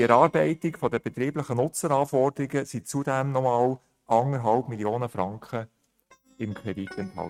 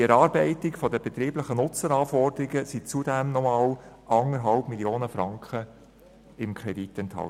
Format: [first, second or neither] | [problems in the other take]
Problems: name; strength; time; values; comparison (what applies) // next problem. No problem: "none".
second | noise reduction (neural mask model RNNoise)